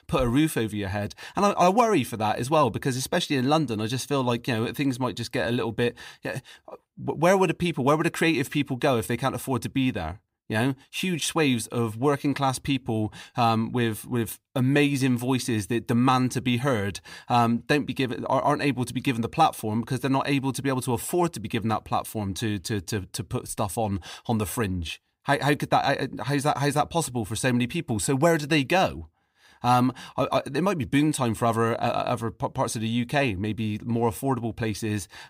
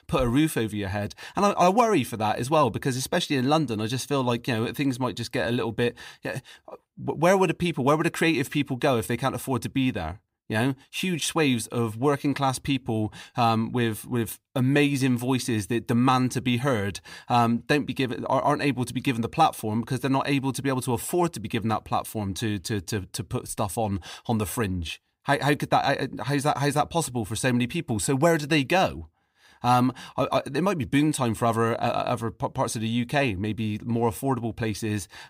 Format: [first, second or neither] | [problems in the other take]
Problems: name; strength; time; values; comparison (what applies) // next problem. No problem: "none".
neither | none